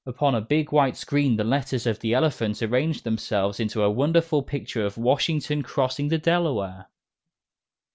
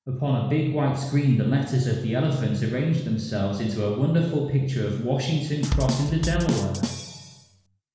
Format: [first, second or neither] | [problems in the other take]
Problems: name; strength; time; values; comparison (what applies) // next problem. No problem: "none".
first | background sound (Drum kit); 5 dB below the speech // room echo; dies away in 1.1 s